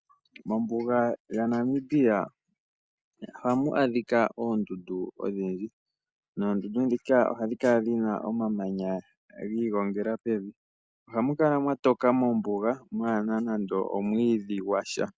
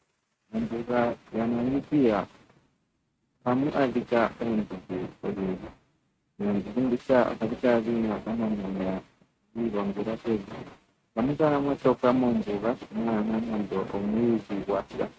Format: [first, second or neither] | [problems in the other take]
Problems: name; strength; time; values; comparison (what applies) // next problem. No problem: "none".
first | noise reduction (neural mask model RNNoise)